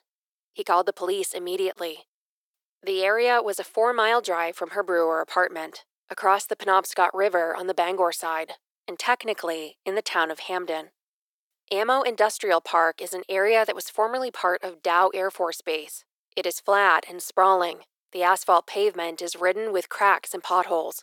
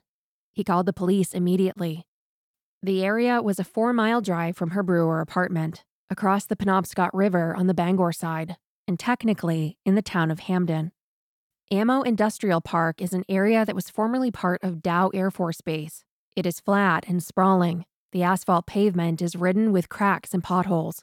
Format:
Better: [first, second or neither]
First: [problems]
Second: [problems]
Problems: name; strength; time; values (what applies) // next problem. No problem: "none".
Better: second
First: thin; very; fading below 400 Hz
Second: none